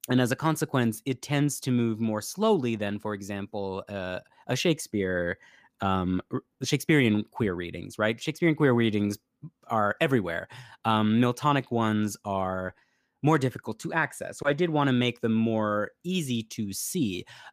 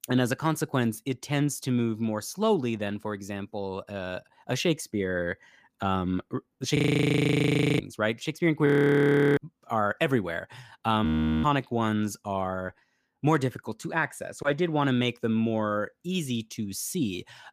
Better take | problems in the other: first | audio freezing; at 7 s for 1 s, at 8.5 s for 0.5 s and at 11 s

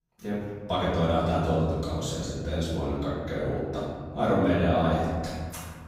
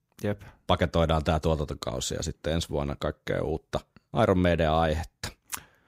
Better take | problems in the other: second | off-mic speech; far // room echo; strong; dies away in 1.7 s

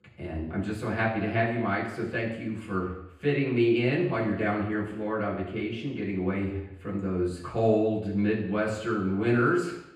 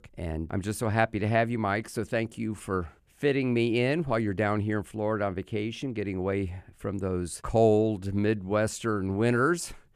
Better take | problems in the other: second | room echo; noticeable; dies away in 0.9 s // off-mic speech; far

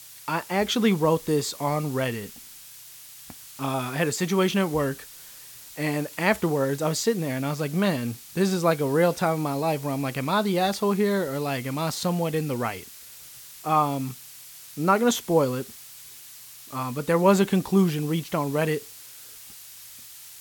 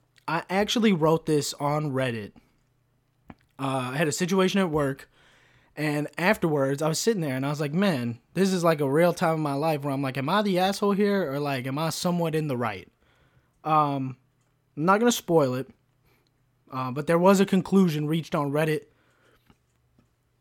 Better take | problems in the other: second | hiss; noticeable; throughout; 15 dB below the speech

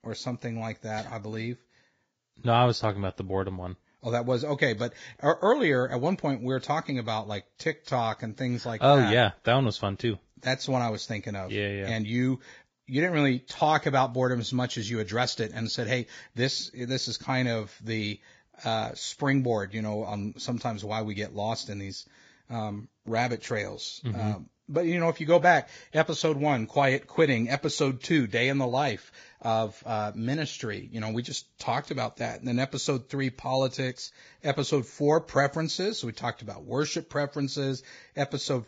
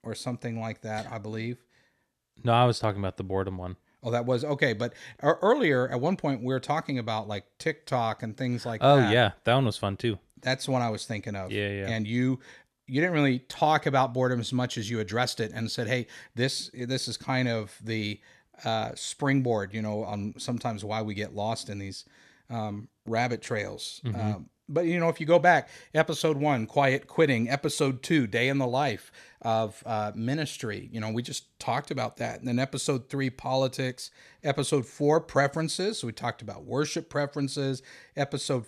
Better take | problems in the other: second | garbled, watery; badly; nothing above 7.5 kHz

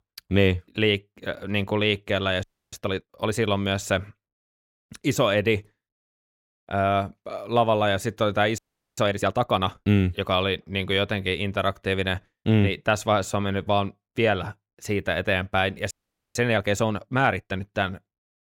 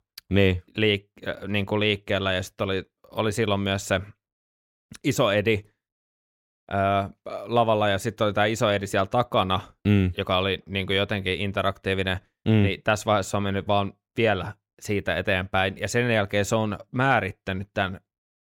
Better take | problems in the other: second | audio freezing; at 2.5 s, at 8.5 s and at 16 s

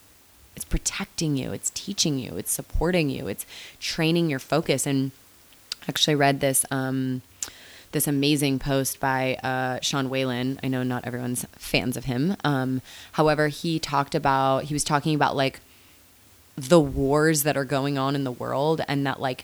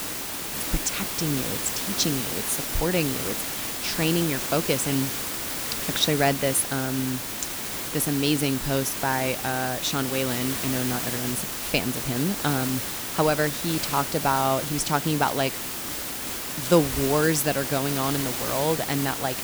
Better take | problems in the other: first | hiss; loud; throughout; 2 dB below the speech; faint in the first

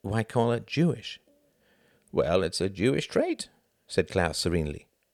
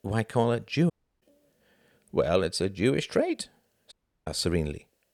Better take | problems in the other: first | audio cutting out; at 1 s and at 4 s

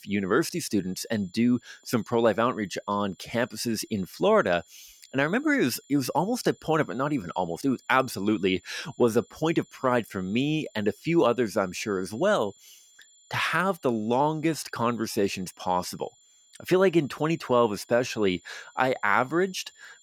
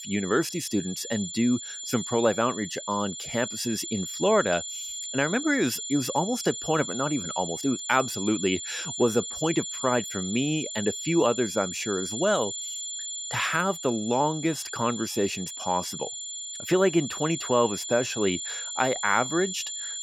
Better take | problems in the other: first | high-pitched whine; loud; throughout; 7 kHz, 6 dB below the speech; faint in the first

